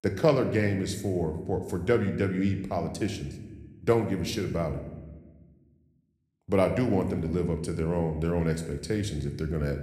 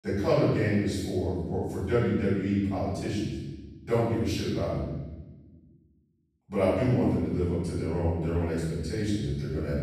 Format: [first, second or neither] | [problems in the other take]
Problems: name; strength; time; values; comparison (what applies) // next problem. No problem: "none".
first | room echo; strong; dies away in 1.2 s; slight in the first // off-mic speech; far